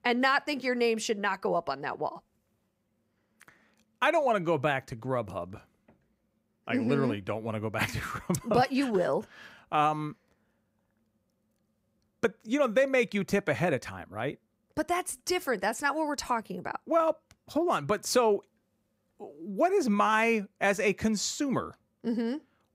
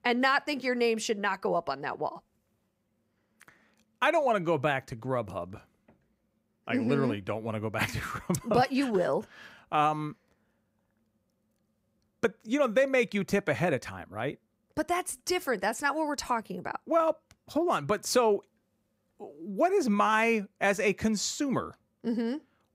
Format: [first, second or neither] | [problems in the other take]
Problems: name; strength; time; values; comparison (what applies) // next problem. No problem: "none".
neither | none